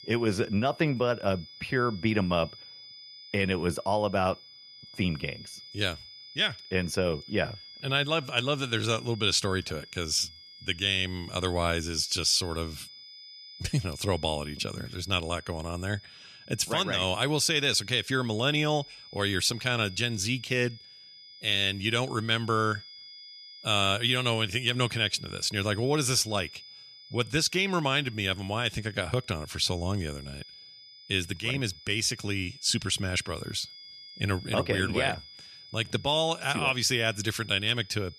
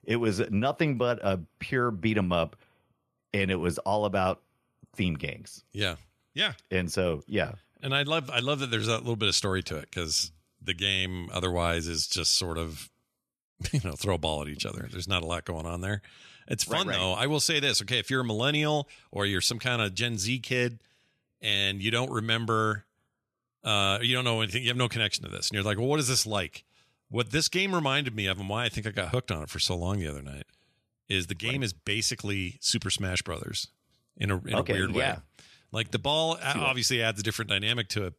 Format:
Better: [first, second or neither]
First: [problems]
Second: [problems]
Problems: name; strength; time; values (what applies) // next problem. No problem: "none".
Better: second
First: high-pitched whine; noticeable; throughout; 5 kHz, 20 dB below the speech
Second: none